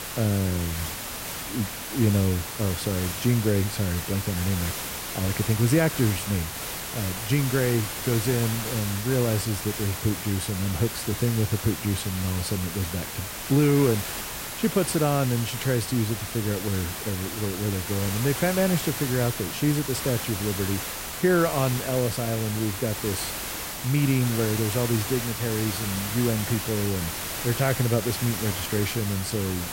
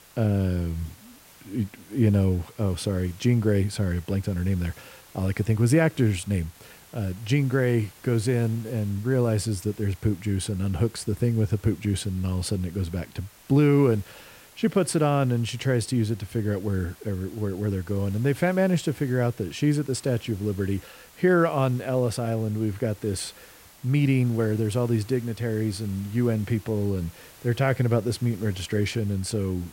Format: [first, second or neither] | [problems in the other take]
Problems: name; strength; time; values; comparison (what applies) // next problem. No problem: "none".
second | hiss; loud; throughout; 5 dB below the speech; faint in the second